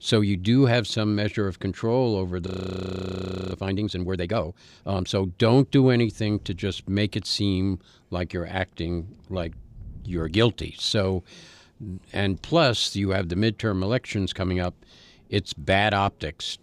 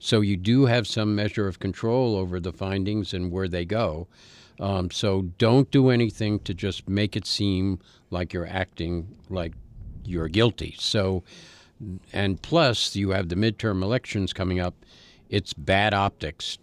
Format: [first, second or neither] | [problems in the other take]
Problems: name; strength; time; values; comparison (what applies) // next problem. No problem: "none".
second | audio freezing; at 2.5 s for 1 s